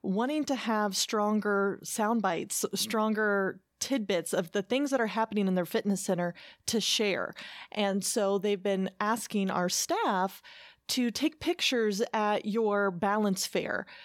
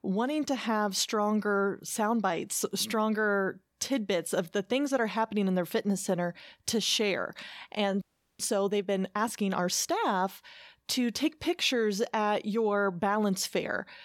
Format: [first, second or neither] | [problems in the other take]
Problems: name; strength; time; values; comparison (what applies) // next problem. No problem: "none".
first | audio freezing; at 8 s